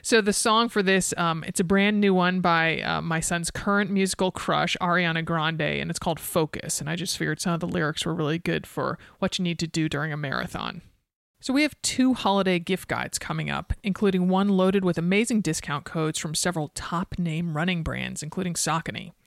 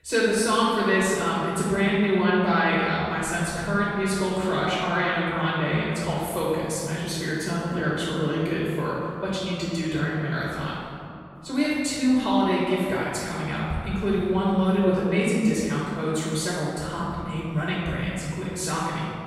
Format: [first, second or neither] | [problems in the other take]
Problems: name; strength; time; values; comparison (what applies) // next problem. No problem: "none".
first | off-mic speech; far // room echo; strong; dies away in 2.3 s